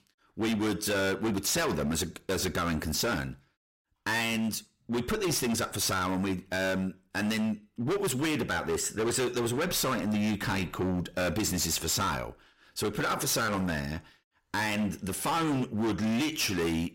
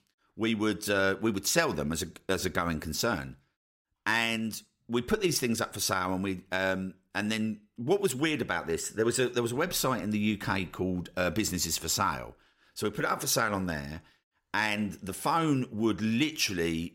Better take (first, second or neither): second